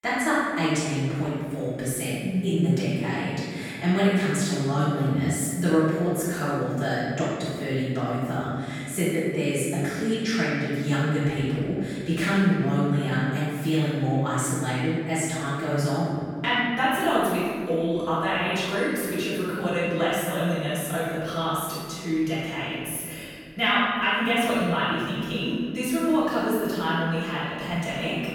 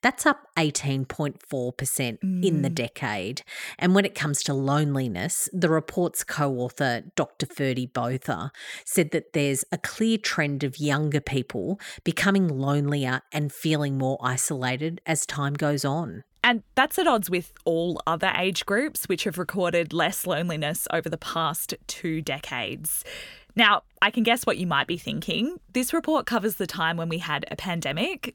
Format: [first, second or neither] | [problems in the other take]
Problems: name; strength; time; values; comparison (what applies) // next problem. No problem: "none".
second | off-mic speech; far // room echo; strong; dies away in 2.1 s